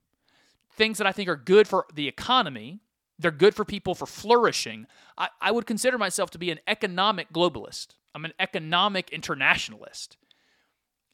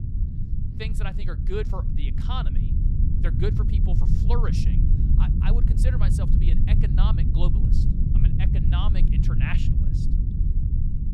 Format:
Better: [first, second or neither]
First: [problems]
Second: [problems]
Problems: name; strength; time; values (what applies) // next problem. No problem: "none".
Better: first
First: none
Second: low rumble; loud; throughout; 2 dB below the speech